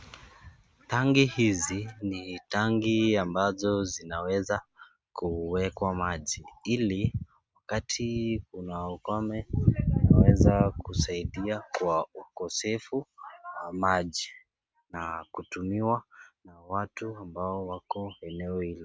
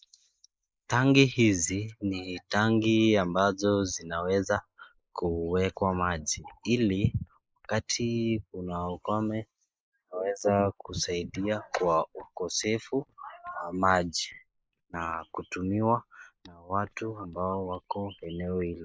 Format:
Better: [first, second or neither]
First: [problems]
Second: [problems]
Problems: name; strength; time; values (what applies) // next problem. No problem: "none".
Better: first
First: none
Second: noise reduction (neural mask model Resemble Enhance denoiser)